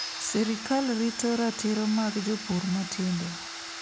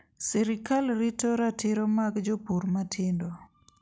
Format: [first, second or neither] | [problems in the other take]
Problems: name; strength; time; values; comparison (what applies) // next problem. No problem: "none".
second | background sound (Domestic sounds, home sounds); 9 dB below the speech